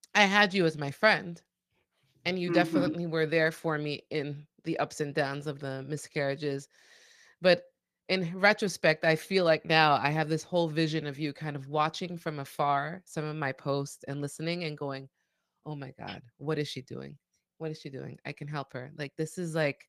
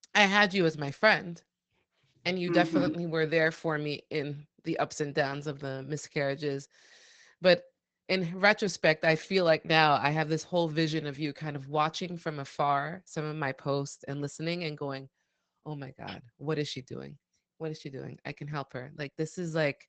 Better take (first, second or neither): first